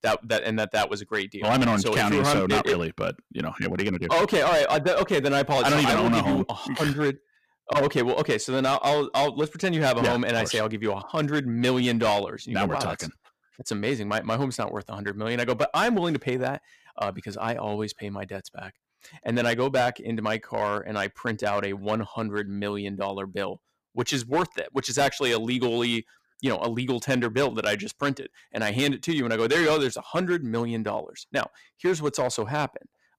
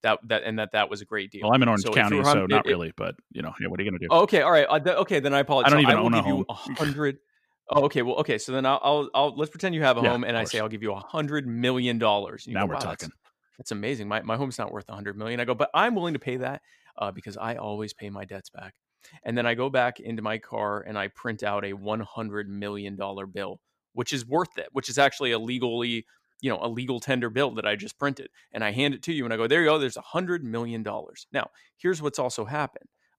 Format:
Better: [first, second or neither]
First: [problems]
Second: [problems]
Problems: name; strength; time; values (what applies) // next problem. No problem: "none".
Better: second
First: distortion; heavy; 8% of the sound clipped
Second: none